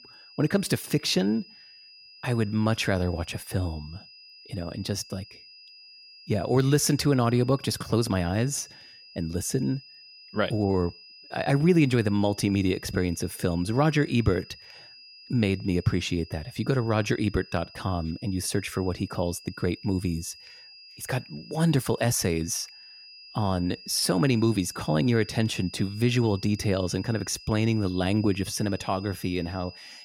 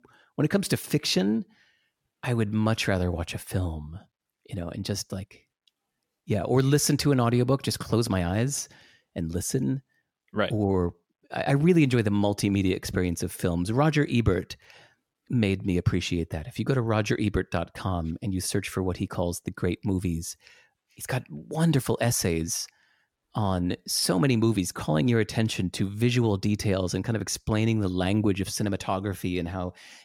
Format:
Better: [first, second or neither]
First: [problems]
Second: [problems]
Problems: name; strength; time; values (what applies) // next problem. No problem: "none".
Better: second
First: high-pitched whine; noticeable; throughout; 5 kHz, 20 dB below the speech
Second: none